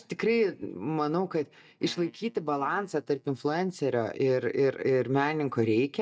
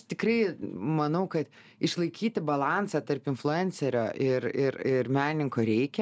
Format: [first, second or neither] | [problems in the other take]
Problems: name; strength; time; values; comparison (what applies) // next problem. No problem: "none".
second | noise reduction (neural mask model DeepFilterNet 3)